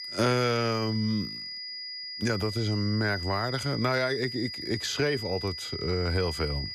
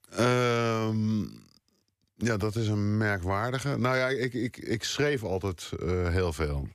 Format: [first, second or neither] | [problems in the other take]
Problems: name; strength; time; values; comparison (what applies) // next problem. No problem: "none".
second | high-pitched whine; loud; throughout; 5 kHz, 6 dB below the speech